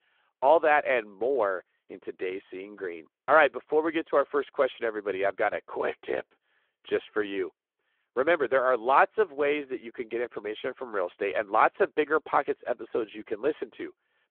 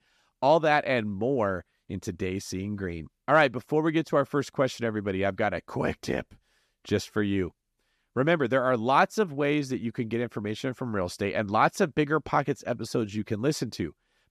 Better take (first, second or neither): second